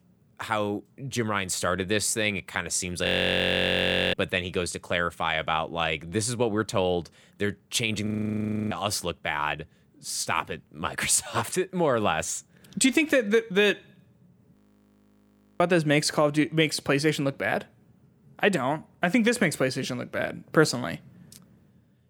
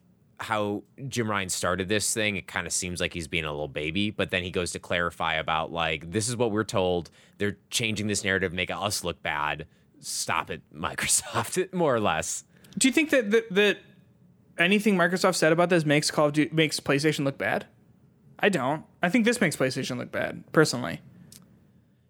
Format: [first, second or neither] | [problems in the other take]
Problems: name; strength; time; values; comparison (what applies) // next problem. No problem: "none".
second | audio freezing; at 3 s for 1 s, at 8 s for 0.5 s and at 15 s for 1 s